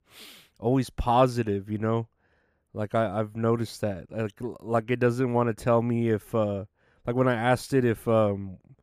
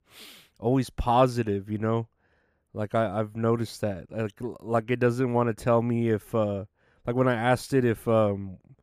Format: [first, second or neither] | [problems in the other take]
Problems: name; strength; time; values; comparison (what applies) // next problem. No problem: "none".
neither | none